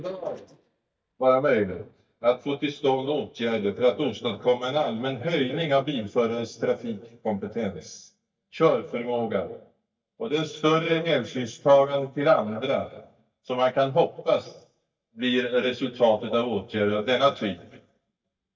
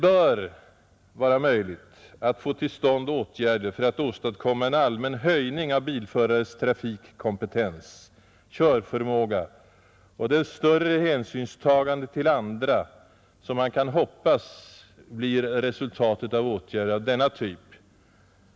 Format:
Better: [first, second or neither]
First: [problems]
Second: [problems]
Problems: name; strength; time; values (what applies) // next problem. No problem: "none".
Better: second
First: noise reduction (neural mask model DeepFilterNet 3)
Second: none